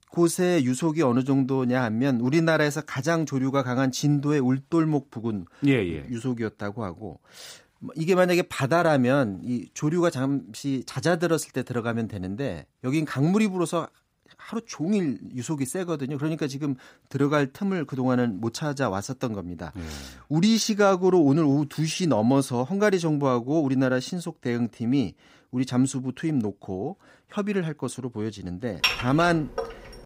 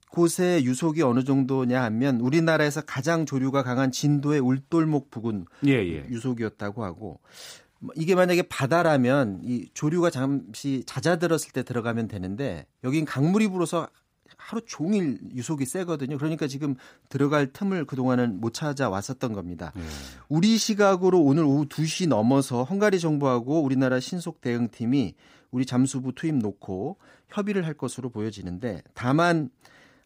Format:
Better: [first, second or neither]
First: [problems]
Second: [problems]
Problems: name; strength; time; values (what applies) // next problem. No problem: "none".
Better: second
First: clattering dishes; loud; at 29 s; peak 1 dB above the speech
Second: none